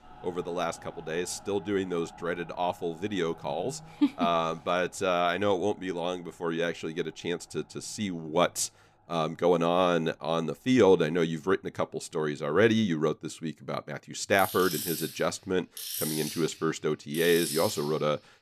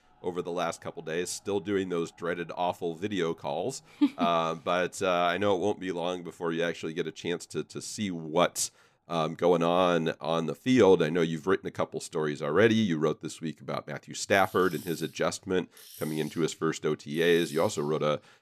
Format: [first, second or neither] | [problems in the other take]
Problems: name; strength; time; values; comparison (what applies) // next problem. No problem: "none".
second | machinery noise; loud; throughout; 10 dB below the speech; faint in the second